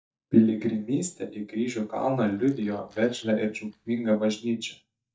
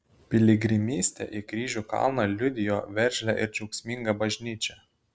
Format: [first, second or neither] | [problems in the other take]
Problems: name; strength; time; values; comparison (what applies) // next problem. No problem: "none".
second | noise reduction (neural mask model DeepFilterNet 3)